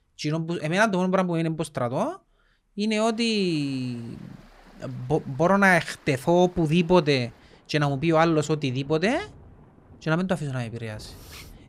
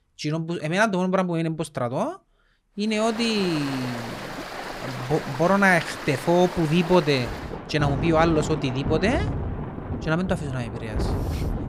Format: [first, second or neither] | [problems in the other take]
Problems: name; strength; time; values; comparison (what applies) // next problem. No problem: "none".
first | rain or running water; loud; from 3 s on; 8 dB below the speech; faint in the first